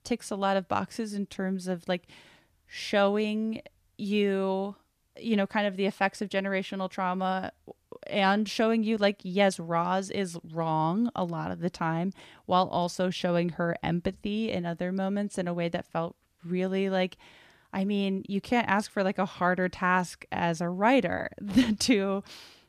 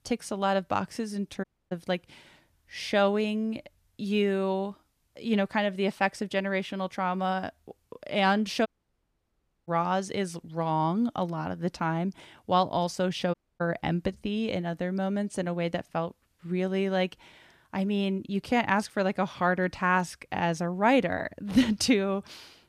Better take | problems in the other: first | audio cutting out; at 1.5 s, at 8.5 s for 1 s and at 13 s

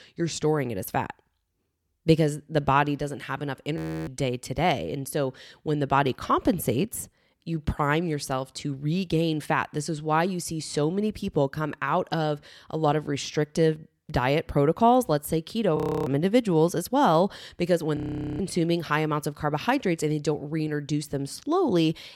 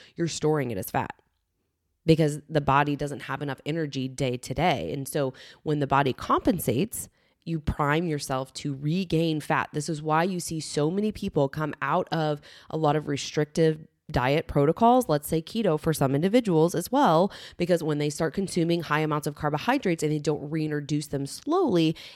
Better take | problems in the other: second | audio freezing; at 4 s, at 16 s and at 18 s

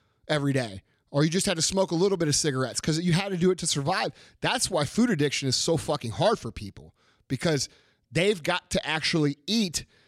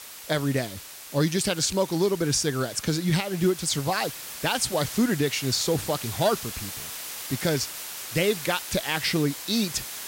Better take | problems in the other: first | hiss; loud; throughout; 9 dB below the speech

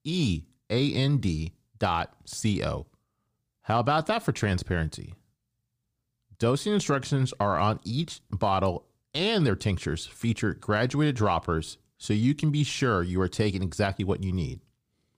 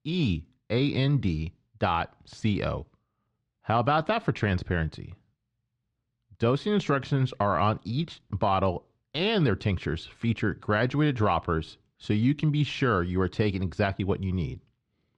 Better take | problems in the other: first | muffled; slightly; fading above 3 kHz

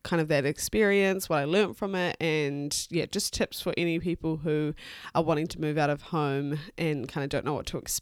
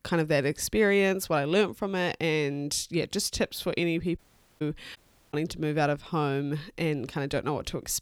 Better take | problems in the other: first | audio cutting out; at 4 s and at 5 s

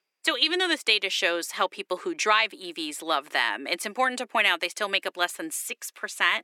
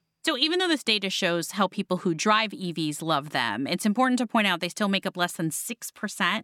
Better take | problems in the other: second | thin; very; fading below 400 Hz

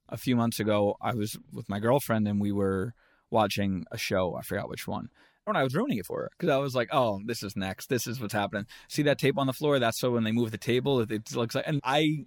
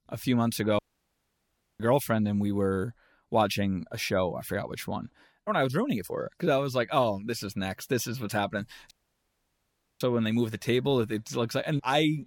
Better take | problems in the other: first | audio cutting out; at 1 s for 1 s and at 9 s for 1 s

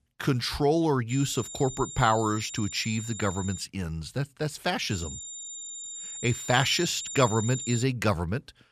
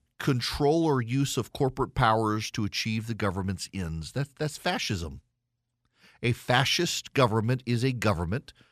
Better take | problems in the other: second | high-pitched whine; loud; from 1 to 3.5 s and from 5 to 8 s; 7 kHz, 9 dB below the speech

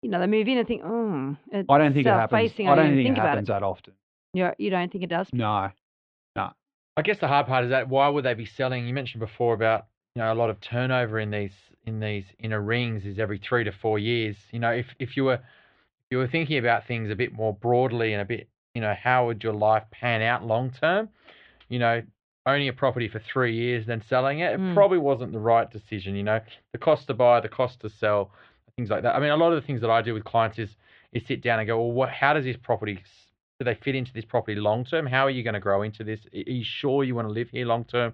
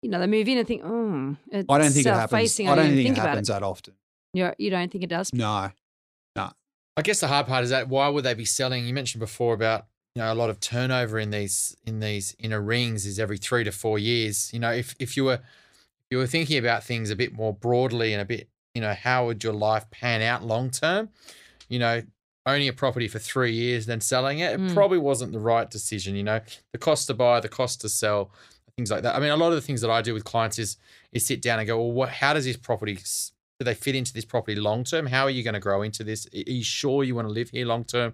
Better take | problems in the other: second | muffled; very; fading above 3 kHz

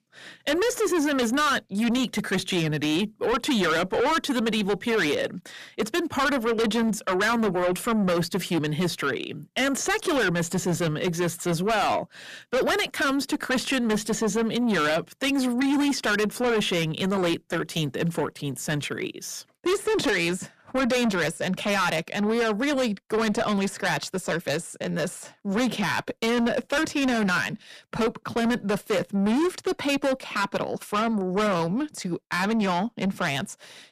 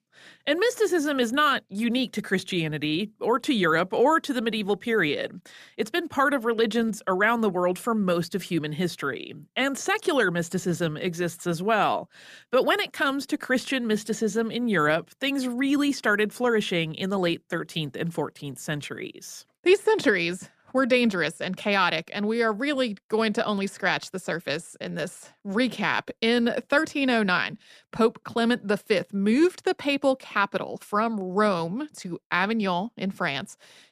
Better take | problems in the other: second | distortion; heavy; 6 dB below the speech

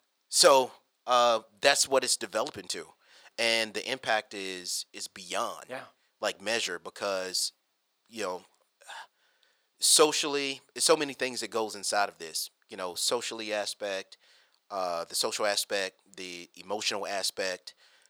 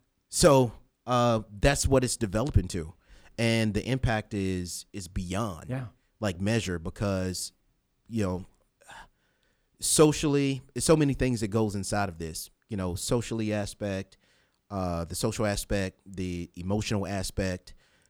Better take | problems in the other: second | thin; very; fading below 650 Hz

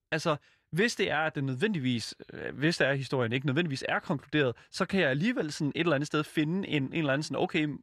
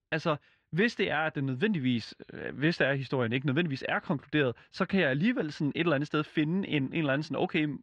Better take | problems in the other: first | muffled; very slightly; fading above 3 kHz

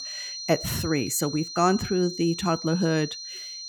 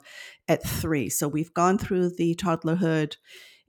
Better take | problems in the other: second | high-pitched whine; loud; throughout; 4 kHz, 9 dB below the speech

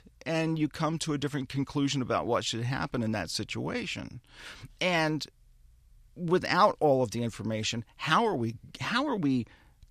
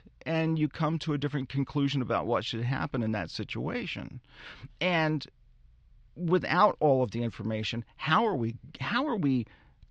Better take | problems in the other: first | muffled; very slightly; fading above 4 kHz

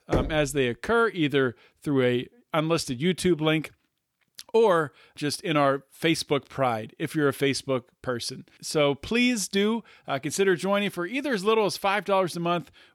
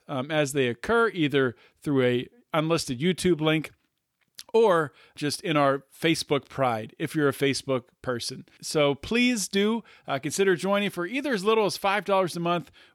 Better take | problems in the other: second | door banging; noticeable; at the start; peak 4 dB below the speech

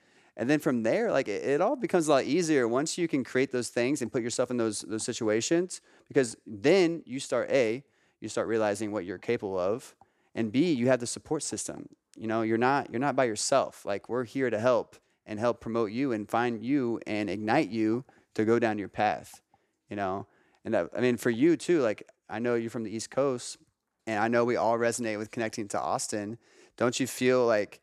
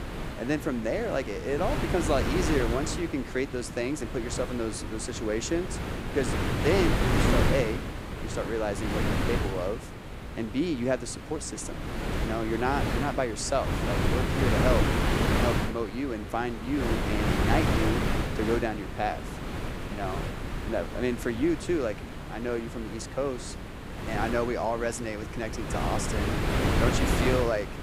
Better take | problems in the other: first | wind noise on the microphone; heavy; 2 dB below the speech

